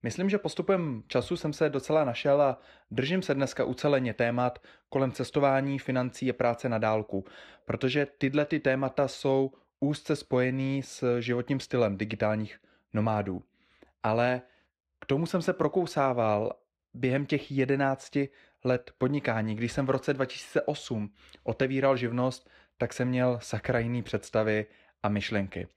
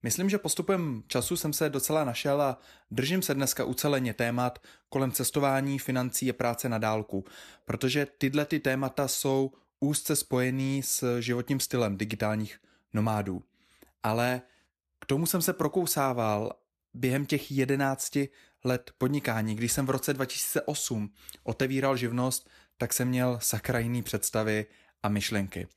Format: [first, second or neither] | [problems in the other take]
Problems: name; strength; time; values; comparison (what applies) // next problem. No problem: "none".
second | muffled; slightly; fading above 3 kHz